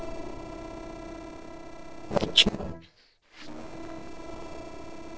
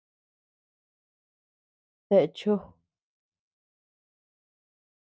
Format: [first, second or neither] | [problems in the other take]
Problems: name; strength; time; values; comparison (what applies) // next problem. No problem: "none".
second | noise reduction (neural separator model SepFormer DNS4)